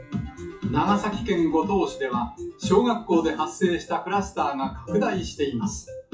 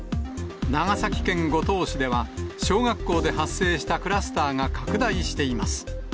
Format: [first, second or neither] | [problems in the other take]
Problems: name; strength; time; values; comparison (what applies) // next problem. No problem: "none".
second | noise reduction (classical method WPE with log-MMSE)